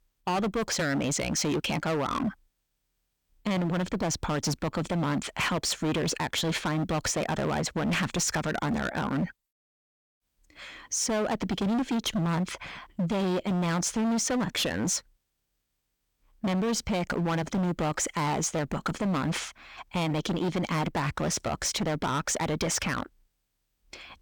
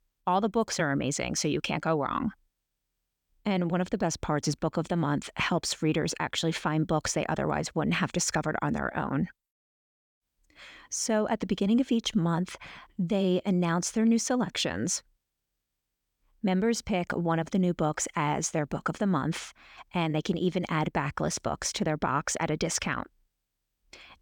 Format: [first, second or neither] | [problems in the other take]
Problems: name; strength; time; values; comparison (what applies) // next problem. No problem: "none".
second | distortion; heavy; 19% of the sound clipped